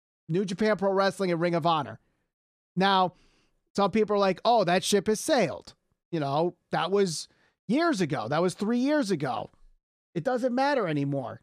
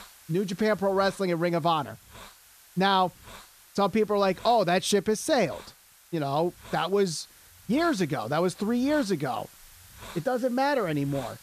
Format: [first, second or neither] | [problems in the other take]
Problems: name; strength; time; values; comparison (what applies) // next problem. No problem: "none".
first | hiss; faint; throughout; 20 dB below the speech